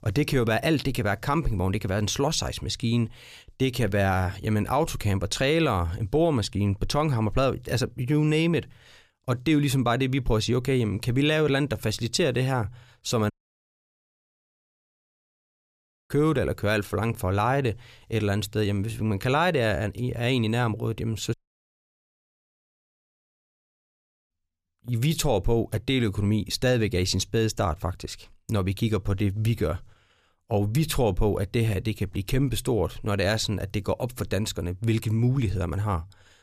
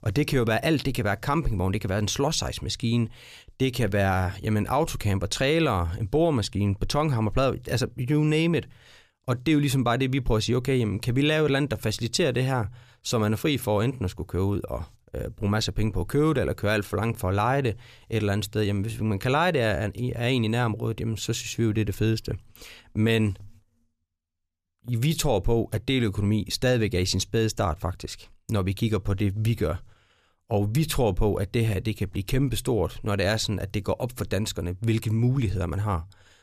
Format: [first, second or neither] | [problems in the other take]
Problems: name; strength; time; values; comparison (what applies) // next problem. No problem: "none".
second | audio cutting out; at 13 s for 3 s and at 21 s for 3 s